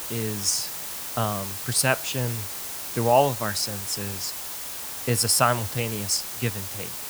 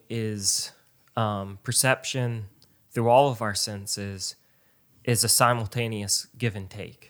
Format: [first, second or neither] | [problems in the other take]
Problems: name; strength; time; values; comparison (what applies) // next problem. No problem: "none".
second | hiss; loud; throughout; 6 dB below the speech